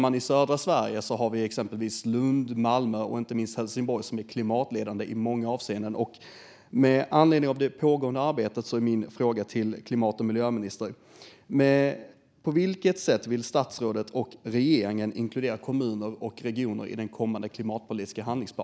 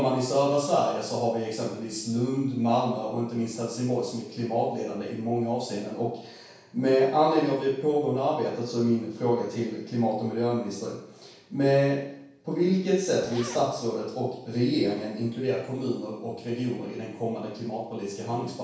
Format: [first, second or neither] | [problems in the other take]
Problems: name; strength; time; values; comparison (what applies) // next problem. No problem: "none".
first | background sound (Zipper (clothing)); 17 dB below the speech // room echo; dies away in 0.7 s